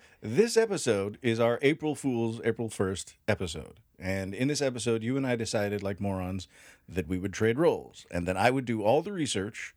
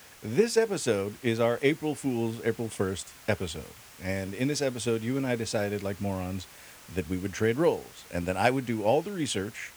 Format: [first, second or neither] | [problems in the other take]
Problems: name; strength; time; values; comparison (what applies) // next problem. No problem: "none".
first | hiss; noticeable; throughout; 20 dB below the speech